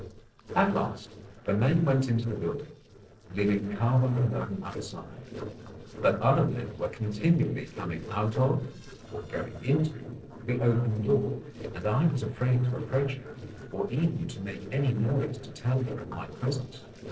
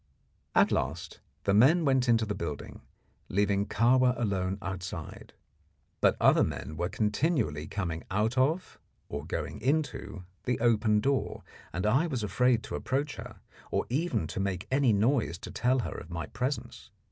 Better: second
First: noise reduction (neural separator model SepFormer DNS4)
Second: none

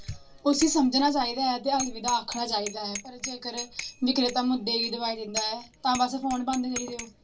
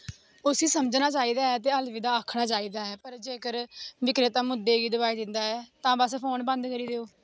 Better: second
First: background sound (Bicycle bell); 13 dB below the speech // room echo; dies away in 0.2 s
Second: none

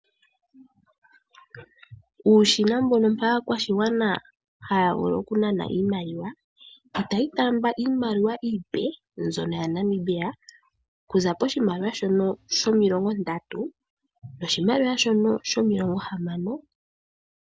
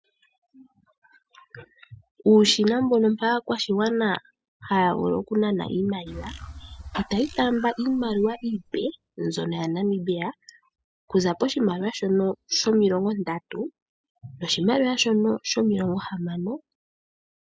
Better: first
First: none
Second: noise reduction (classical method spectral subtraction)

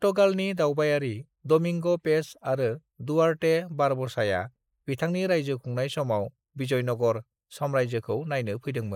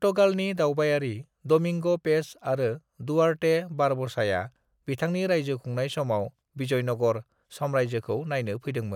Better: second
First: noise reduction (neural mask model Resemble Enhance denoiser)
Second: none

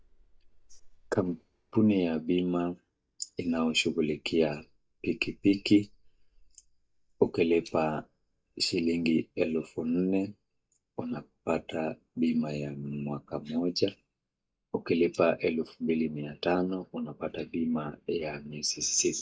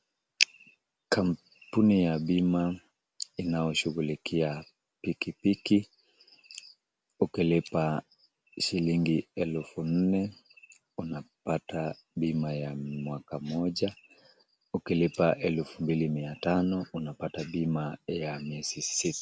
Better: second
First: noise reduction (neural mask model DeepFilterNet 3)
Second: none

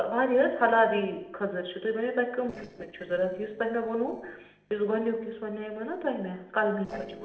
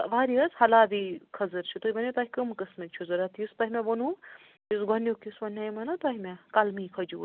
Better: second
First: noise reduction (neural separator model SepFormer DNS4)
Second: none

